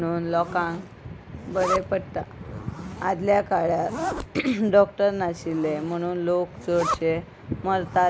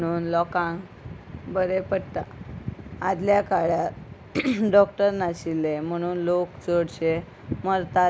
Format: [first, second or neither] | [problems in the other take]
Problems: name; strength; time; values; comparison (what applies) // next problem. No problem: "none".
second | background sound (Zipper (clothing)); 11 dB below the speech